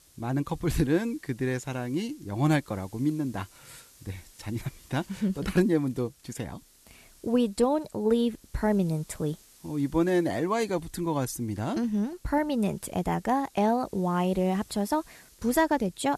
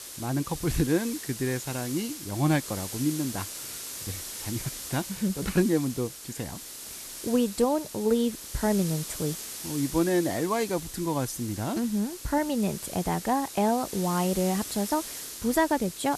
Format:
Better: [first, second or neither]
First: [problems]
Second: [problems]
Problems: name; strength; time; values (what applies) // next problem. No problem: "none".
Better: first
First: hiss; faint; throughout; 25 dB below the speech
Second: hiss; loud; throughout; 8 dB below the speech